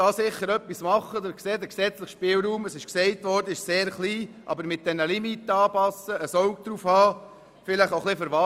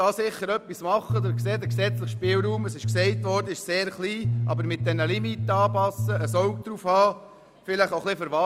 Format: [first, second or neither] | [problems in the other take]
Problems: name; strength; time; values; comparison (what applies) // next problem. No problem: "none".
first | background sound (Bass guitar); 1 dB below the speech